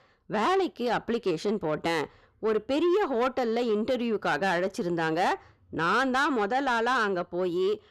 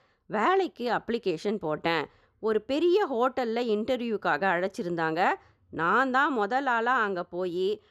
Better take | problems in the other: second | distortion; slight; 10 dB below the speech

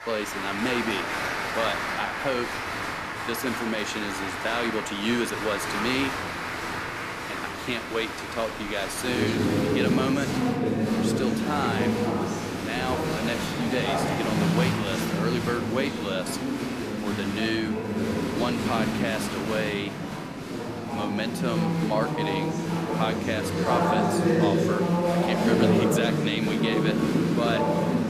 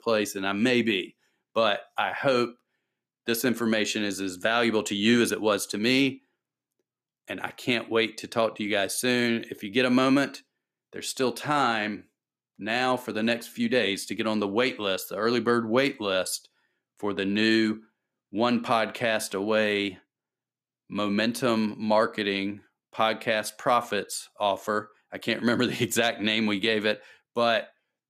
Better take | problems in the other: second | crowd noise; very loud; throughout; 3 dB above the speech

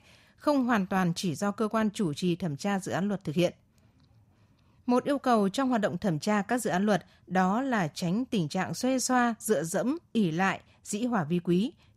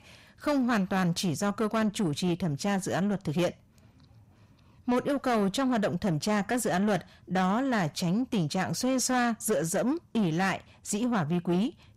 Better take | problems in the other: first | distortion; slight; 10 dB below the speech

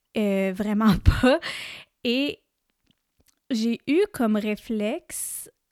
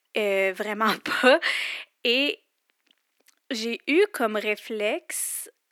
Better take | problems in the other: first | thin; somewhat; fading below 300 Hz

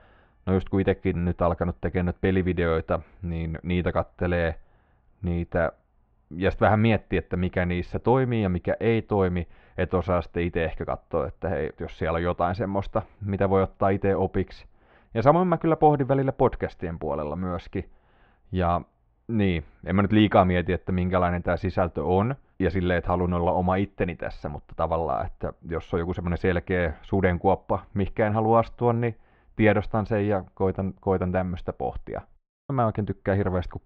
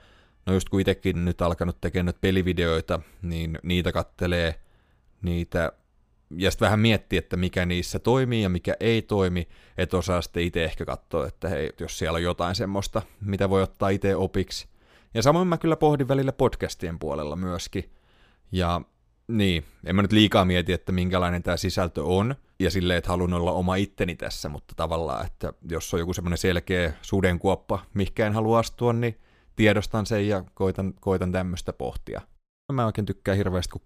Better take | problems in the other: second | muffled; very; fading above 2.5 kHz

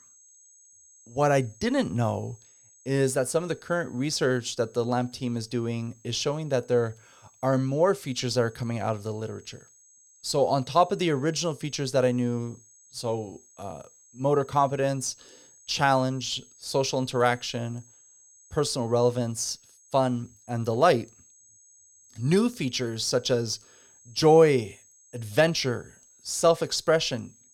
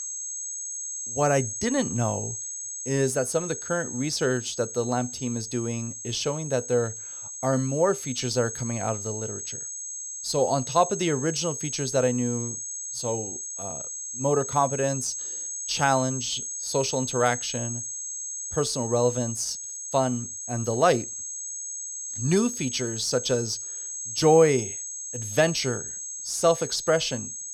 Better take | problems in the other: first | high-pitched whine; loud; throughout; 6.5 kHz, 6 dB below the speech; faint in the first

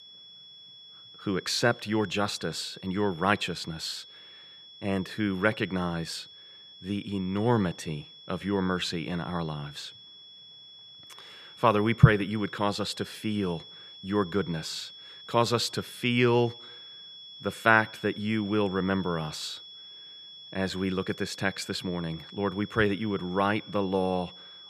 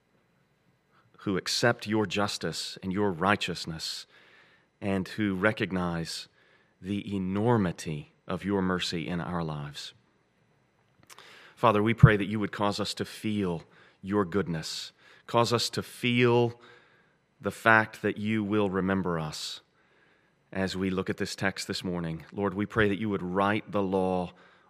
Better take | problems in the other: second | high-pitched whine; noticeable; throughout; 3.5 kHz, 15 dB below the speech

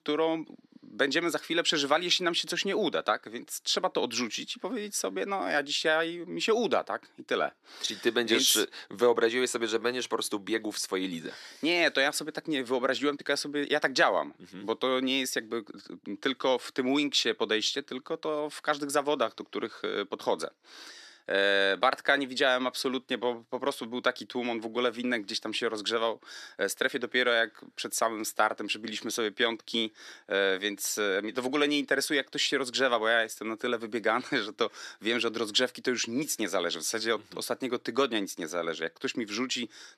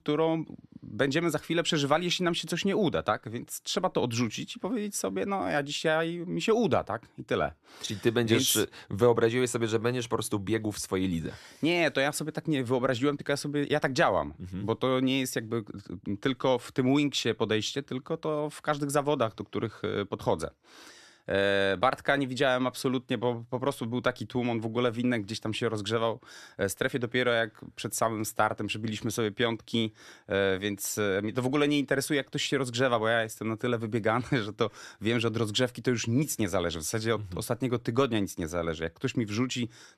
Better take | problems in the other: second | thin; very slightly; fading below 250 Hz

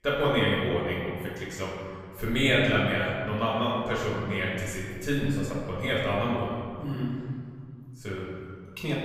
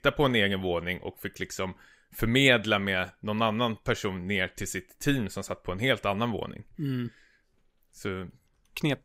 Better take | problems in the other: second | room echo; noticeable; dies away in 2.1 s // off-mic speech; far

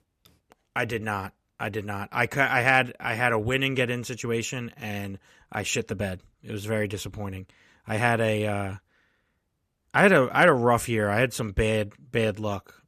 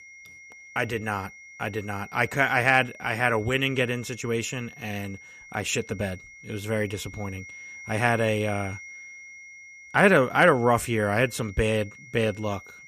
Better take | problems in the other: first | high-pitched whine; noticeable; throughout; 2 kHz, 20 dB below the speech

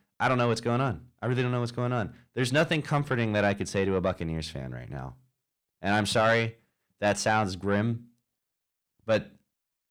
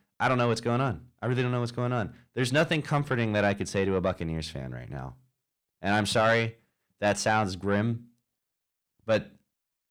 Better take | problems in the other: neither | distortion; slight; 10 dB below the speech; the same in both

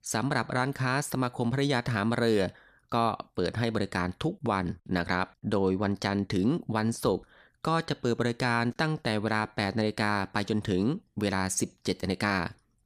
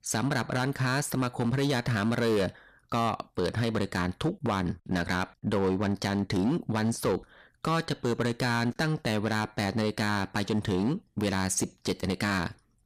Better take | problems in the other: first | distortion; slight; 9% of the sound clipped

